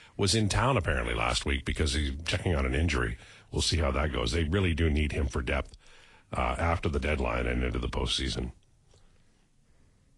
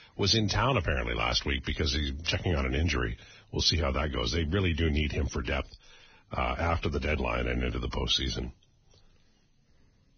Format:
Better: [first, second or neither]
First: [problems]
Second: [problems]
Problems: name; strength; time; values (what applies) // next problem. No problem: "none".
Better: first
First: garbled, watery; slightly; nothing above 10 kHz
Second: garbled, watery; badly; nothing above 6.5 kHz